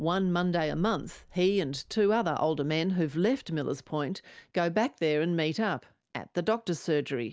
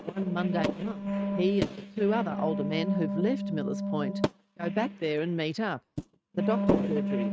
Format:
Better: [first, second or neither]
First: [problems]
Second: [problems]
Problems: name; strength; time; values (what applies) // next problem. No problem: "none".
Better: first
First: none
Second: noise reduction (neural mask model RNNoise)